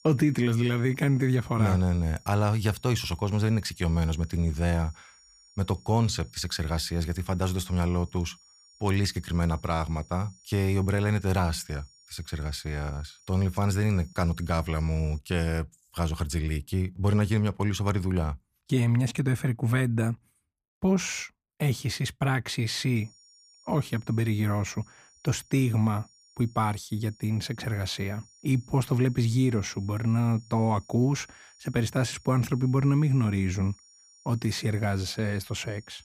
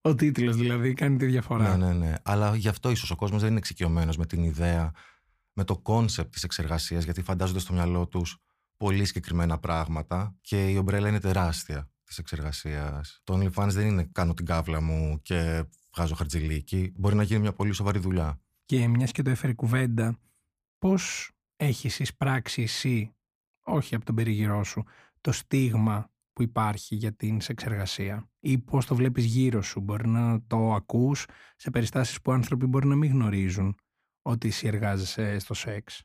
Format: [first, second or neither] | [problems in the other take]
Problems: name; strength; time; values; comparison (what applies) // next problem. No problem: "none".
second | high-pitched whine; faint; until 15 s and from 23 s on; 5.5 kHz, 25 dB below the speech